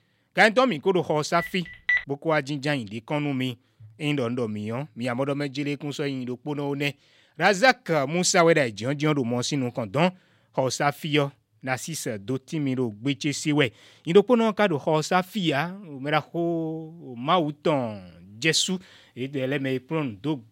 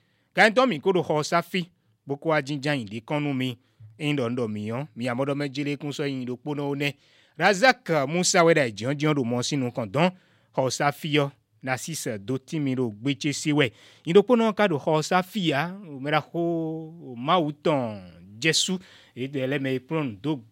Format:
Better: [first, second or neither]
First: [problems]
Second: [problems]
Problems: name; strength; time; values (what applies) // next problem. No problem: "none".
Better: second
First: phone ringing; loud; at 1.5 s; peak 1 dB above the speech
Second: none